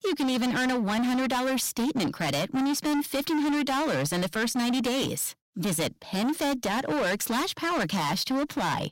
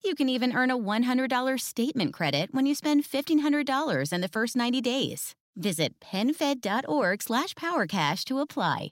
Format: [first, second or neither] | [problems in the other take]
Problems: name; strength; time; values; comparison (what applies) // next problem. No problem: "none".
second | distortion; heavy; 34% of the sound clipped